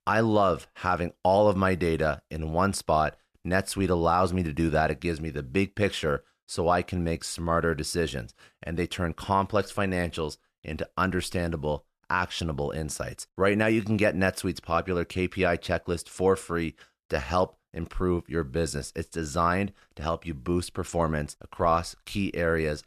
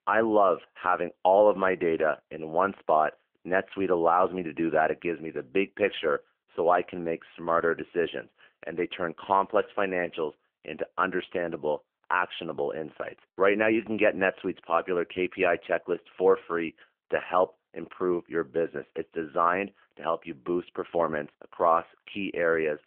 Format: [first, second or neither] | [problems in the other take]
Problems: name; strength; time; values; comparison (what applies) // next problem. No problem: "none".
first | phone-call audio